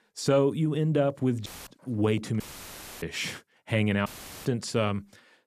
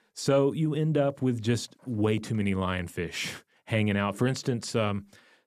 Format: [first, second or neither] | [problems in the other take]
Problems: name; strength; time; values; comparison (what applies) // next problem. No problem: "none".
second | audio cutting out; filled with static; at 1.5 s, at 2.5 s for 0.5 s and at 4 s